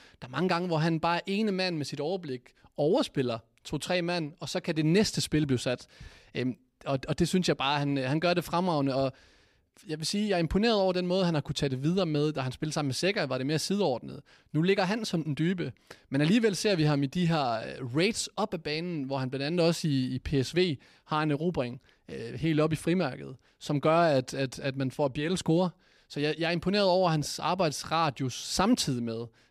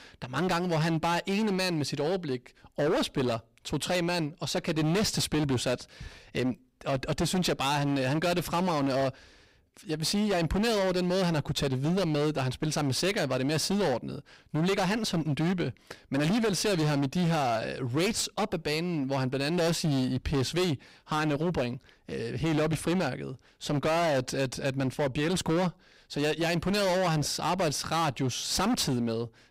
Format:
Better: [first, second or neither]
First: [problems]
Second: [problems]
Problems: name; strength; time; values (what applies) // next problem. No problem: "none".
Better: first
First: none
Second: distortion; heavy; 23% of the sound clipped